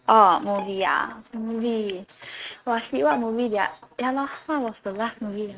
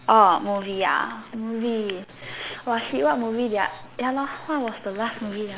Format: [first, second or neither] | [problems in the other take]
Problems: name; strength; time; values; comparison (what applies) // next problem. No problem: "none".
second | noise reduction (neural mask model RNNoise)